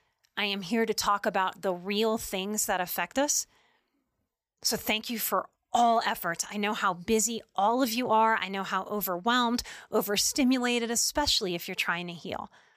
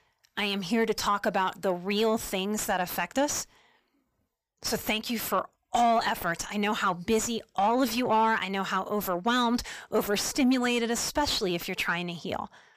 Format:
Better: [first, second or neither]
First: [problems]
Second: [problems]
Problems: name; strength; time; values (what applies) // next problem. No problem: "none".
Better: first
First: none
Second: distortion; slight; 10 dB below the speech